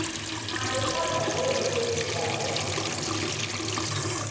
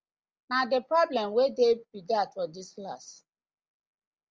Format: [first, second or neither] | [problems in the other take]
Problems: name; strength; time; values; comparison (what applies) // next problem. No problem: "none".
second | background sound (Trickle, dribble / Sink (filling or washing) / Water tap, faucet); 3 dB above the speech // room echo; dies away in 2.2 s